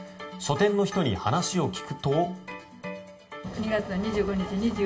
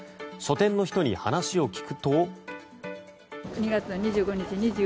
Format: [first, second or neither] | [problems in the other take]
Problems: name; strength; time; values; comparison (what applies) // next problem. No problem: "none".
second | room echo; dies away in 0.5 s